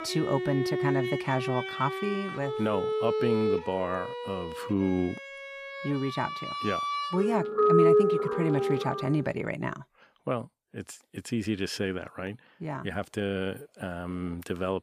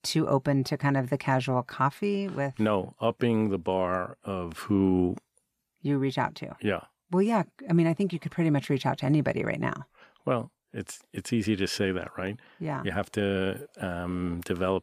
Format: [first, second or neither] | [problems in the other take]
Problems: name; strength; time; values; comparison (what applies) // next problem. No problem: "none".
second | background music; very loud; until 9 s; 2 dB above the speech